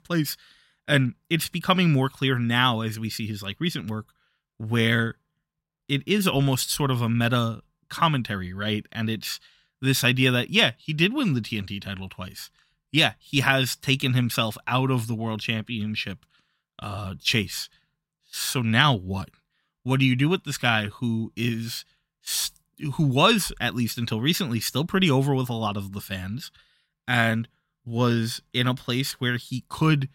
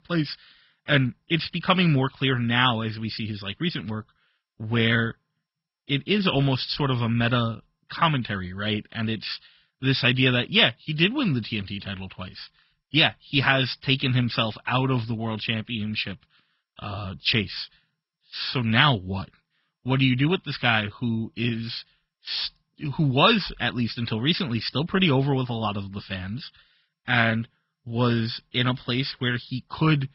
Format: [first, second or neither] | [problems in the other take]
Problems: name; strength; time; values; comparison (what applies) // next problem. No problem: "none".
first | garbled, watery; badly; nothing above 5.5 kHz